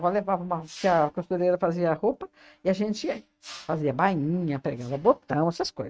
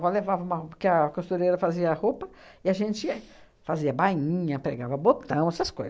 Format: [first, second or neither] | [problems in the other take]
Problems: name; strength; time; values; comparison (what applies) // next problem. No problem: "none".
second | noise reduction (neural mask model RNNoise)